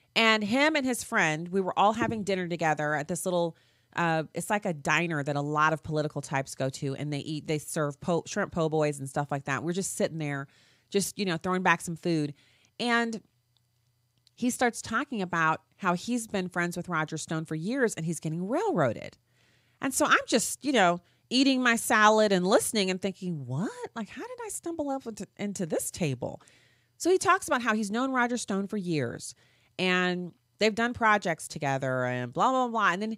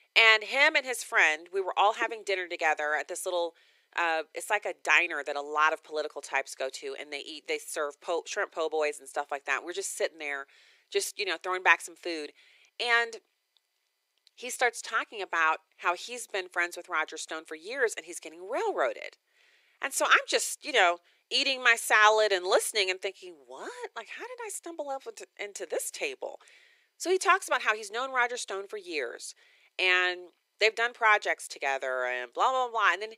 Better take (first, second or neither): first